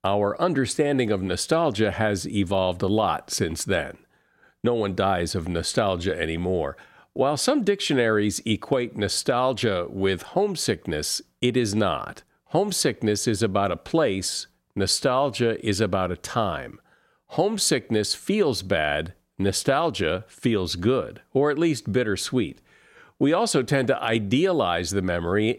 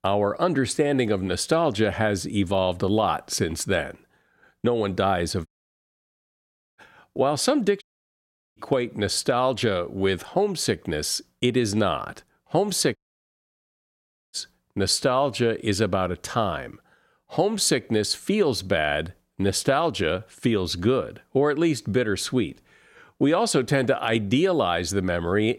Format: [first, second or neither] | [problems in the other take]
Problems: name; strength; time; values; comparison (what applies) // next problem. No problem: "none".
first | audio cutting out; at 5.5 s for 1.5 s, at 8 s for 0.5 s and at 13 s for 1.5 s